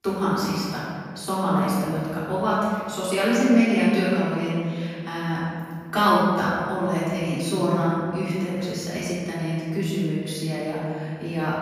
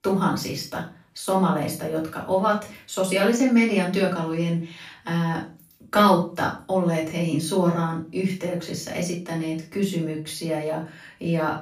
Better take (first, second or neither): second